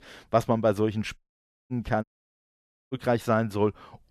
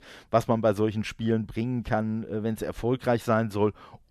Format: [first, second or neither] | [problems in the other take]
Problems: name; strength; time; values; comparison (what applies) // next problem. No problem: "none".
second | audio cutting out; at 1 s for 0.5 s and at 2 s for 1 s